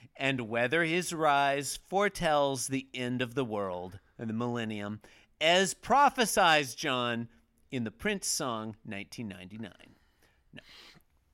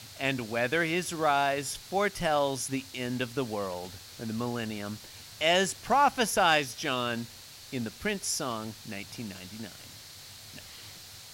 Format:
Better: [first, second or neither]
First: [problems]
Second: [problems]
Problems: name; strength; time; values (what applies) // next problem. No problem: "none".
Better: first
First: none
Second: hiss; noticeable; throughout; 15 dB below the speech